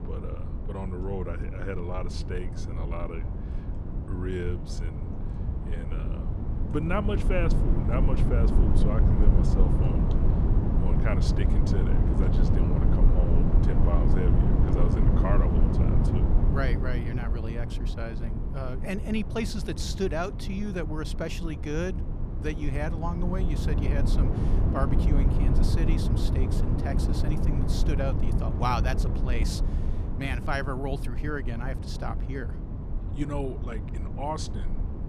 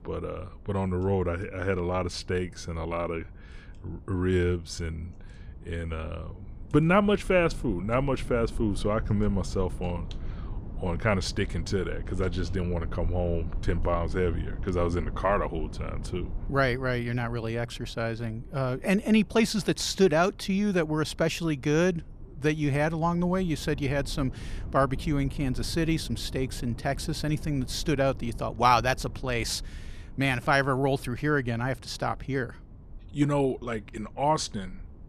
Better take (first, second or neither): second